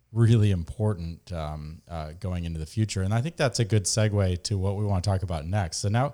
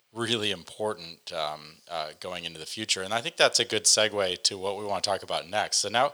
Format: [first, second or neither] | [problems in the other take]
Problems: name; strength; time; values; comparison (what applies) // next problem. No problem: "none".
first | thin; very; fading below 550 Hz